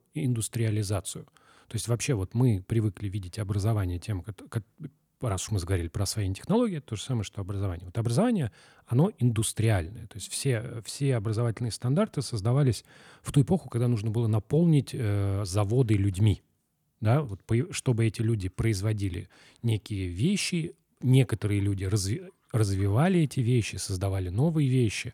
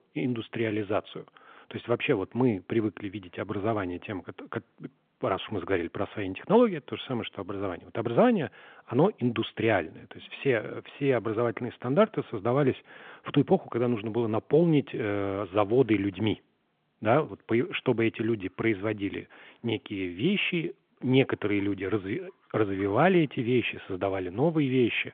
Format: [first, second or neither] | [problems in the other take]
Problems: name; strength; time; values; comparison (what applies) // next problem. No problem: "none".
first | phone-call audio; nothing above 3.5 kHz